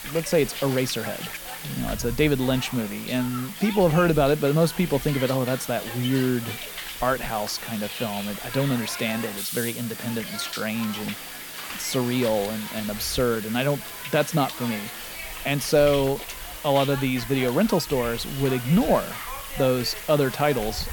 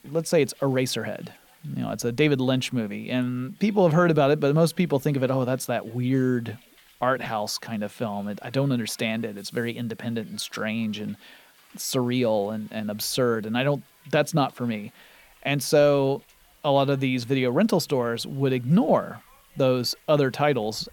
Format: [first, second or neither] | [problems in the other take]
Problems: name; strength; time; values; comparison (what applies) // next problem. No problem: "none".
second | hiss; loud; throughout; 8 dB below the speech; faint in the second